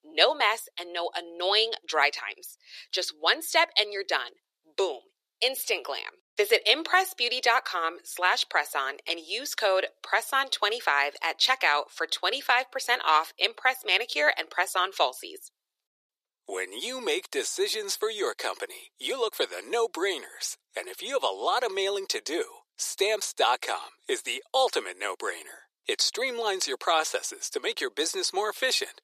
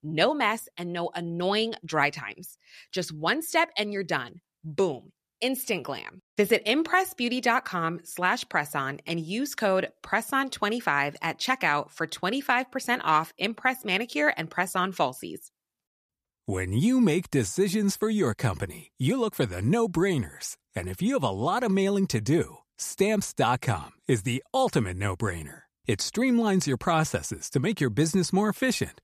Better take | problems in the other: second | thin; very; fading below 400 Hz

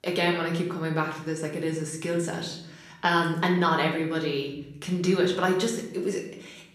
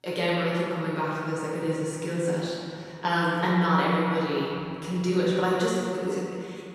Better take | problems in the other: first | room echo; strong; dies away in 2.7 s; slight in the first // off-mic speech; far; far in the first

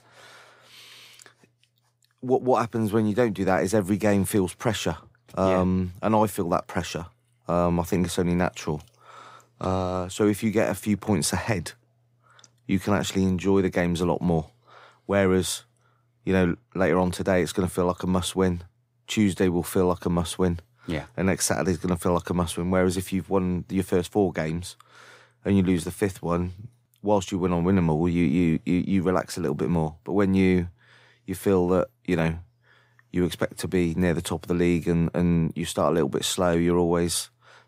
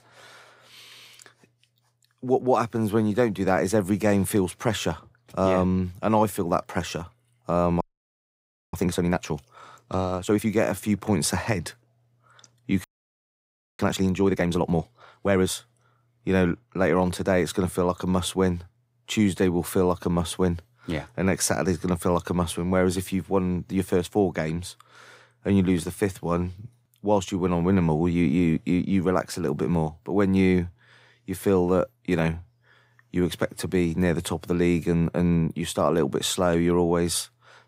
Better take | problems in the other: first | audio freezing; at 8 s for 1 s and at 13 s for 1 s

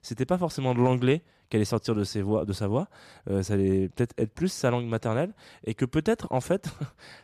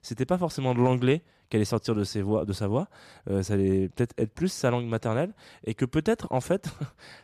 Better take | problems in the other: neither | none

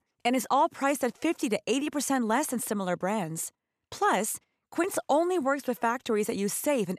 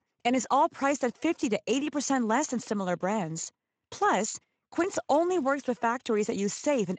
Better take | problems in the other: first | garbled, watery; slightly; nothing above 7.5 kHz

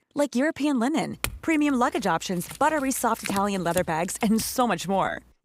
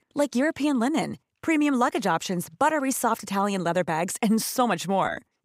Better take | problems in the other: second | clattering dishes; noticeable; from 1 to 4.5 s; peak 7 dB below the speech

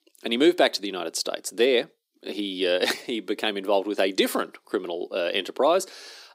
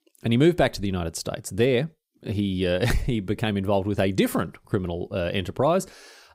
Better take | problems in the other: second | thin; somewhat; fading below 300 Hz

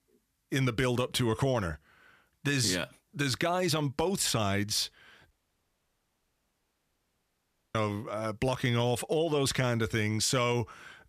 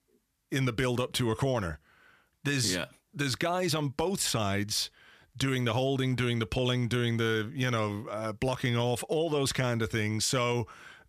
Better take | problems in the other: second | audio cutting out; at 5.5 s for 2.5 s

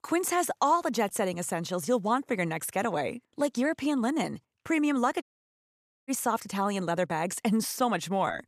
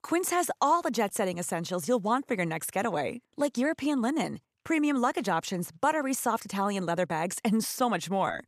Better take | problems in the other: second | audio cutting out; at 5 s for 1 s

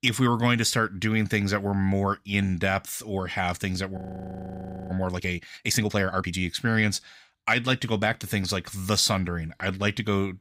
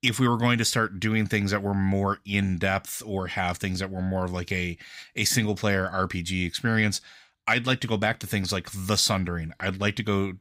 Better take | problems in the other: second | audio freezing; at 4 s for 1 s

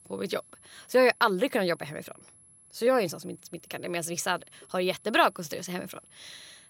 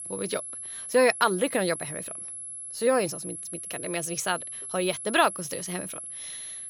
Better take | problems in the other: first | high-pitched whine; loud; throughout; 11 kHz, 8 dB below the speech; faint in the first

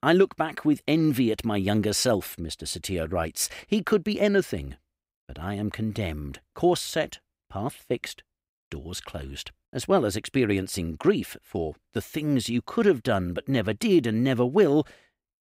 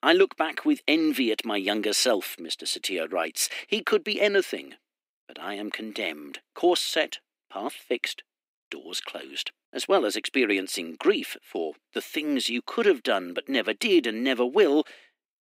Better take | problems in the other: first | thin; very slightly; fading below 250 Hz

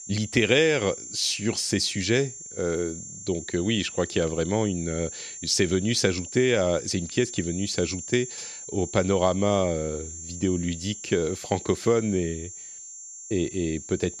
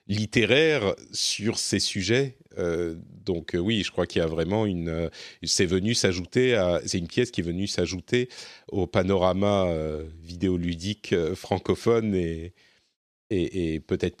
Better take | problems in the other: second | high-pitched whine; noticeable; throughout; 7 kHz, 10 dB below the speech

